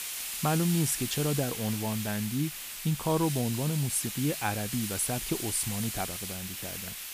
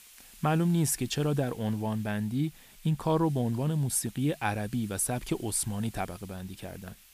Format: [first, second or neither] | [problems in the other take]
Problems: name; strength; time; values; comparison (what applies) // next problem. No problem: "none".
second | hiss; loud; throughout; 4 dB below the speech; faint in the second